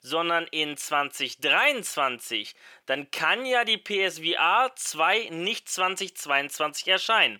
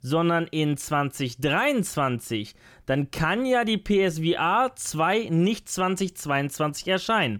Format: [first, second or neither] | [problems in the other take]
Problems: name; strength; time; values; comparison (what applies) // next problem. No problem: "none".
second | thin; very; fading below 500 Hz